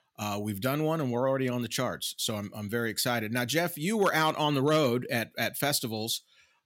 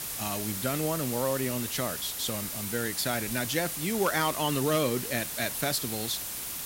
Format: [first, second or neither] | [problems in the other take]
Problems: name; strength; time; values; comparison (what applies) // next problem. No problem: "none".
first | hiss; loud; throughout; 3 dB below the speech